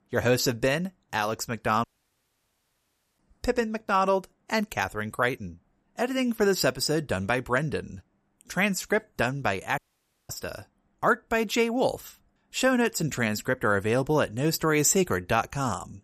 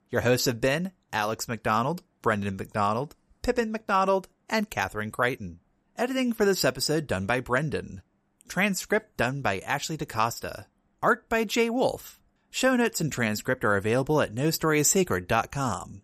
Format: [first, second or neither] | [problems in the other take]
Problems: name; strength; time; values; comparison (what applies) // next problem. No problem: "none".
second | audio cutting out; at 2 s for 1.5 s and at 10 s for 0.5 s